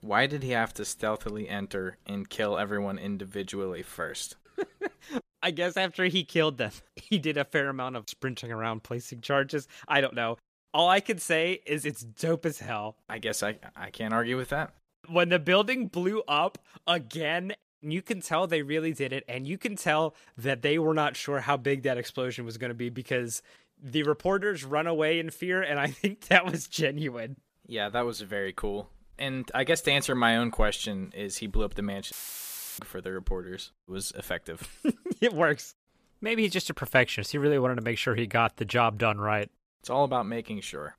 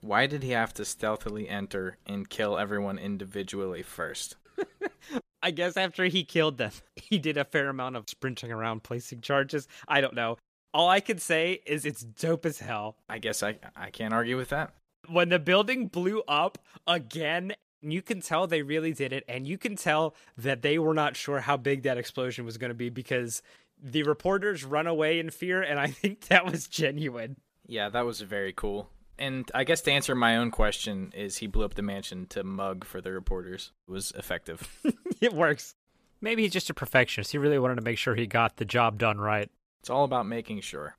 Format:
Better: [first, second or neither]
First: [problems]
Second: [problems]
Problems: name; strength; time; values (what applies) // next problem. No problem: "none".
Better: second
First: audio cutting out; filled with static; at 32 s for 0.5 s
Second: none